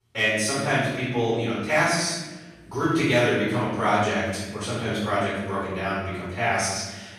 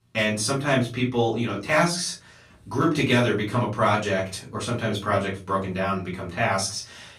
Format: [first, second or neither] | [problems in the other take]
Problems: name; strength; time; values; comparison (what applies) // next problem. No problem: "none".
second | room echo; strong; dies away in 1.2 s; slight in the second // off-mic speech; far; far in the second